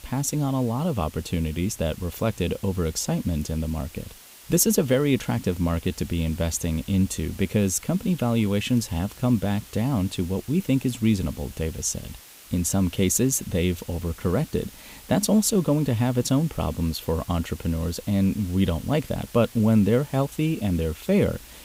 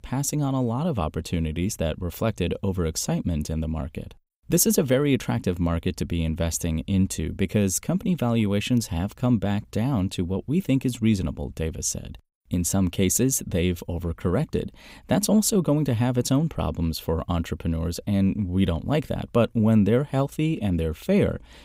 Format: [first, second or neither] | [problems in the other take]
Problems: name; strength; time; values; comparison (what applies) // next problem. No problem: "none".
second | hiss; noticeable; throughout; 20 dB below the speech